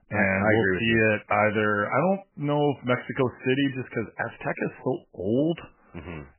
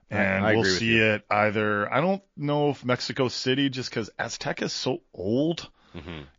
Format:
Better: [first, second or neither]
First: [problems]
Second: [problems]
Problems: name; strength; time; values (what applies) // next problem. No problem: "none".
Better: second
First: garbled, watery; badly; nothing above 3 kHz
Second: garbled, watery; slightly; nothing above 6.5 kHz